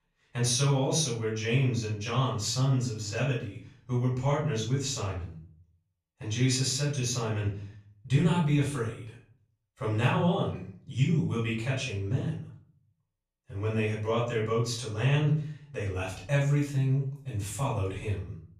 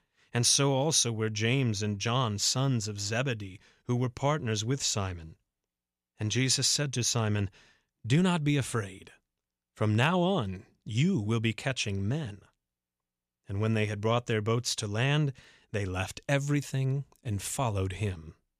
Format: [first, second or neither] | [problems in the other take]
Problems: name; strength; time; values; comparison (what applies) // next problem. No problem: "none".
second | off-mic speech; far // room echo; noticeable; dies away in 0.5 s